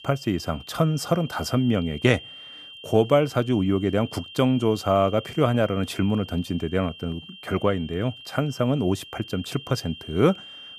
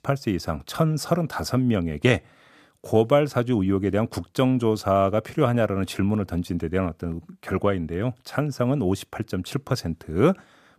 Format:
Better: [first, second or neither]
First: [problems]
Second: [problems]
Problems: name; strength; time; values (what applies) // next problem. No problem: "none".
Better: second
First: high-pitched whine; noticeable; throughout; 3 kHz, 15 dB below the speech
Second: none